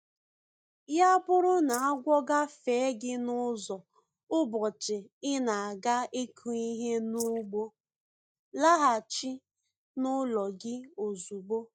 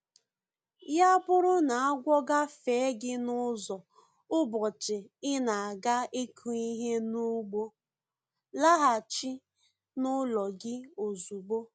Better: second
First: noise reduction (neural mask model DeepFilterNet 3)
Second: none

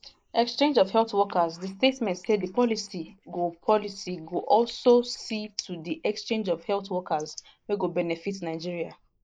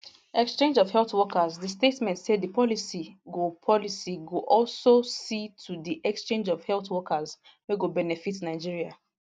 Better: second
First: noise reduction (neural mask model Resemble Enhance denoiser)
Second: none

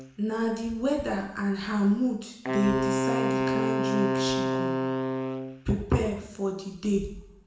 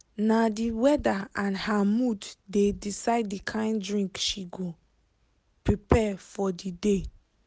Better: second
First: background sound (Wind instrument, woodwind instrument); 1 dB below the speech // room echo; dies away in 0.7 s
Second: none

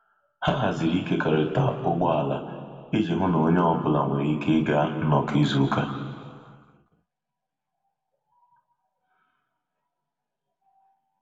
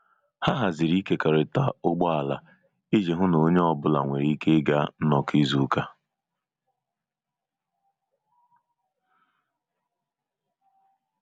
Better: second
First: room echo; dies away in 1.9 s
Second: none

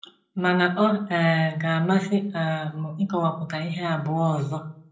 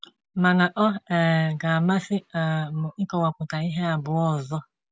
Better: second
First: room echo; dies away in 0.5 s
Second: none

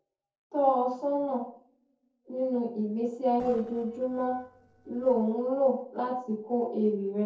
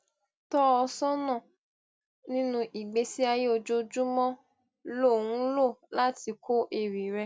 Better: second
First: noise reduction (neural separator model SepFormer DNS4)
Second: none

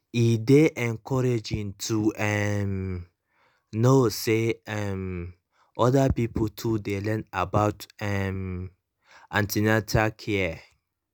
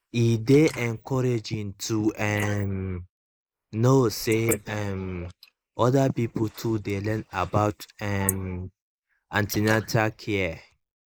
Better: first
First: none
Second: noise reduction (neural mask model Resemble Enhance denoiser)

